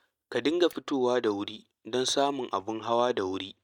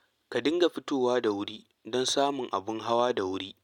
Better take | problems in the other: second | noise reduction (neural mask model DeepFilterNet 3)

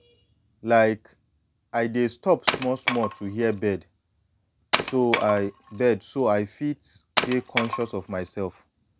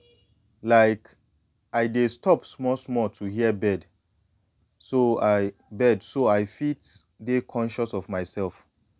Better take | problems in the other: second | background sound (Wood); 4 dB below the speech

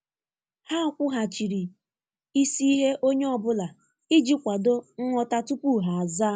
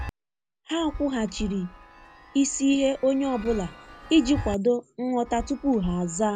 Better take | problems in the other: first | background sound (Chime); 14 dB below the speech

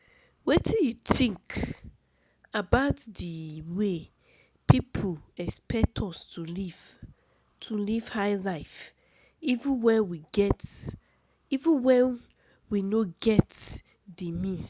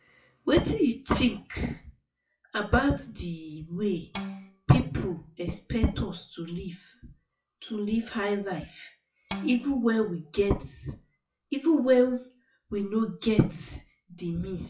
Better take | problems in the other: first | noise reduction (classical method WPE with log-MMSE)

